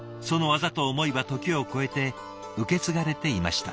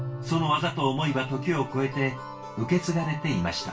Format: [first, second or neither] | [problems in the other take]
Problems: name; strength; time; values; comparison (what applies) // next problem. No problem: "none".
first | background sound (Marimba, xylophone); 14 dB below the speech // room echo; dies away in 0.2 s